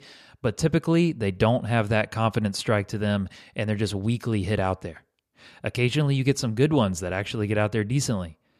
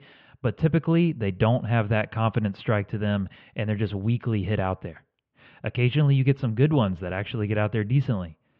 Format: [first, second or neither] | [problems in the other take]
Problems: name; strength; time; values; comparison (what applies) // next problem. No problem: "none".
first | muffled; very; fading above 3 kHz